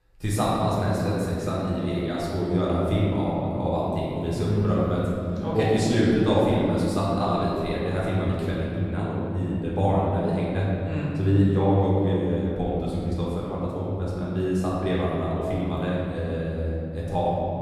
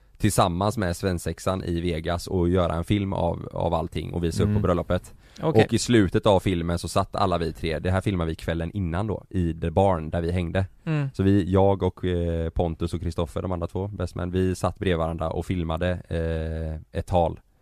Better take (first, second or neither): second